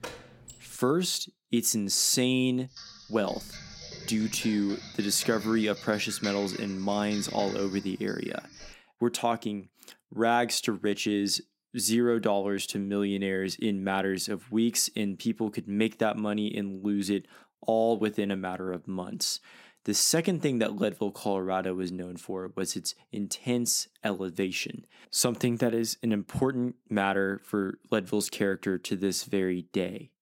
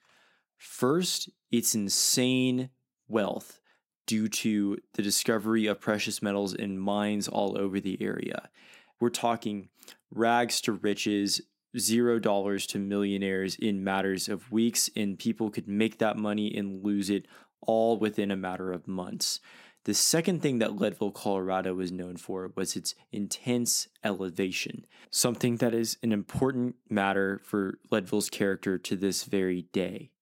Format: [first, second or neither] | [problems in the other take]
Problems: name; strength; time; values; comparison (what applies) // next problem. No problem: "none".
second | door banging; faint; at the start; peak 15 dB below the speech // keyboard typing; noticeable; from 3 to 8.5 s; peak 8 dB below the speech